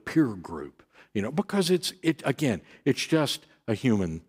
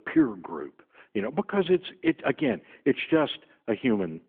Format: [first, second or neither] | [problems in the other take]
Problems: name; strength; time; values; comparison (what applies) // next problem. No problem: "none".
first | phone-call audio; nothing above 3.5 kHz